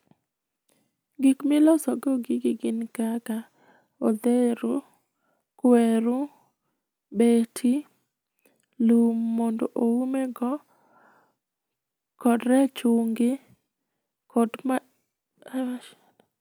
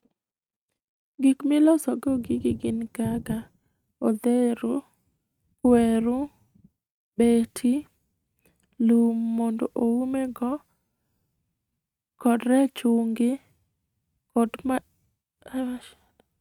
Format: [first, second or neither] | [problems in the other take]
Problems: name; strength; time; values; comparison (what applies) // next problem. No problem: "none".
first | noise reduction (neural mask model RNNoise)